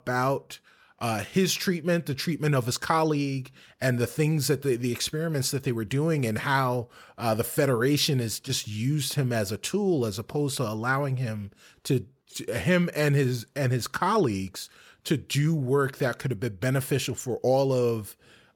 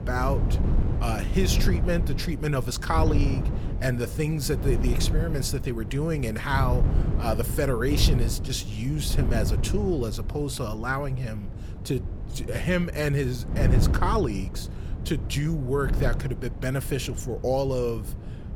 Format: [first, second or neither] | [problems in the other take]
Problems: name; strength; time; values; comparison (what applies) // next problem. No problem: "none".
first | wind noise on the microphone; occasional gusts; 10 dB below the speech